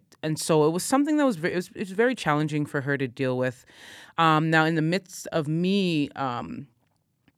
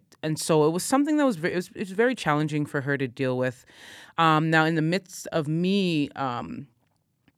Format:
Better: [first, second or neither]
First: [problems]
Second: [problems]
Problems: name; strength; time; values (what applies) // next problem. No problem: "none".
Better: neither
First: none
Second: none